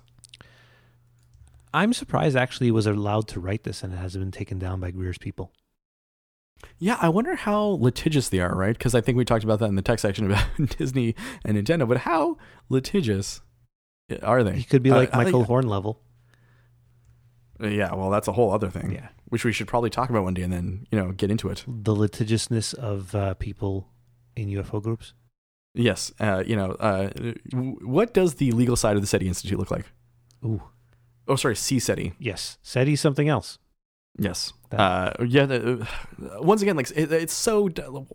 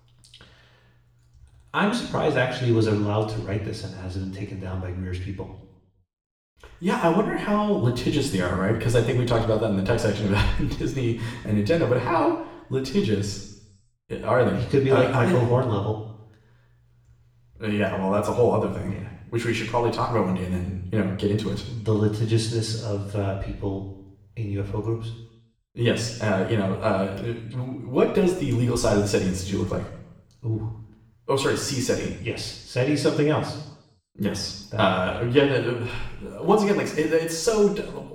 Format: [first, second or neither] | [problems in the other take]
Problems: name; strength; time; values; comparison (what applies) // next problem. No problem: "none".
first | room echo; noticeable; dies away in 0.8 s // off-mic speech; far